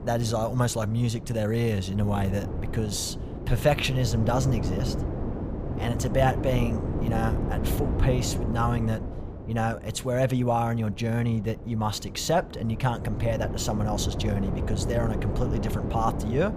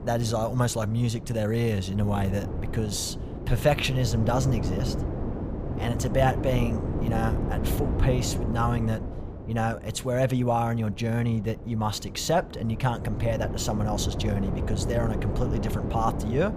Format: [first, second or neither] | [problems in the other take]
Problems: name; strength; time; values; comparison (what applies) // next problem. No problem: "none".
neither | wind noise on the microphone; heavy; 9 dB below the speech; the same in both